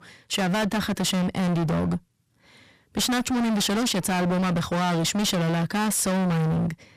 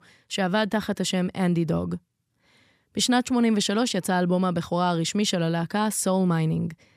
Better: second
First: distortion; heavy; 40% of the sound clipped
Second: none

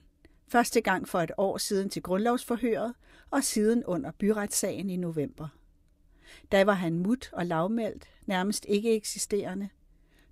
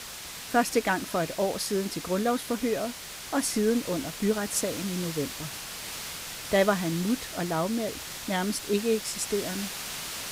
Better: first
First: none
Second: hiss; loud; throughout; 8 dB below the speech

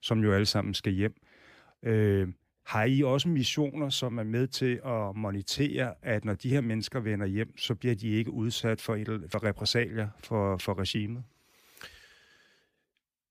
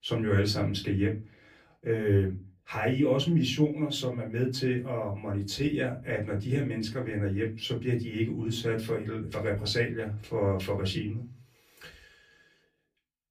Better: first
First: none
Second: off-mic speech; far // room echo; very slight; dies away in 0.3 s

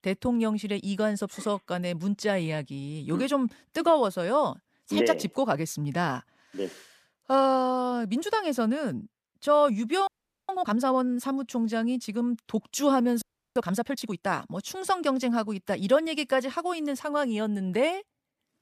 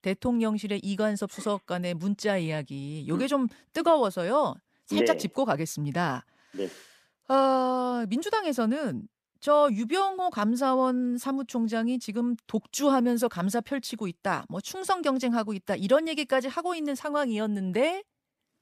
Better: second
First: audio freezing; at 10 s and at 13 s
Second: none

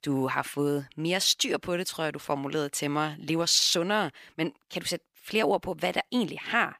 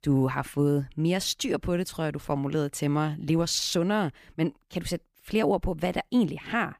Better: second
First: thin; very slightly; fading below 1 kHz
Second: none

